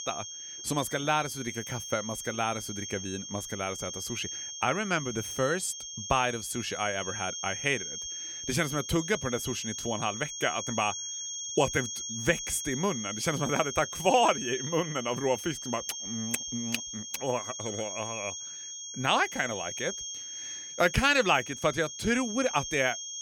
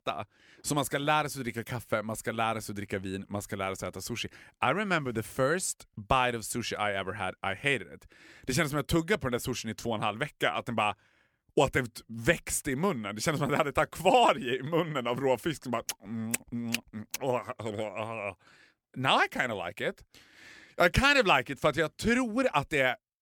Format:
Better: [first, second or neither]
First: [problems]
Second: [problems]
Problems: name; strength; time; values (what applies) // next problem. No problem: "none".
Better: second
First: high-pitched whine; loud; throughout; 6.5 kHz, 6 dB below the speech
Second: none